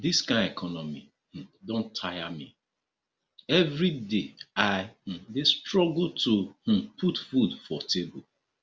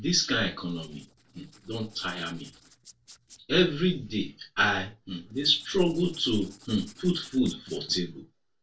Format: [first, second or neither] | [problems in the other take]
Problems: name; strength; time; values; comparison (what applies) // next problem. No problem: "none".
first | noise reduction (neural separator model SepFormer DNS4)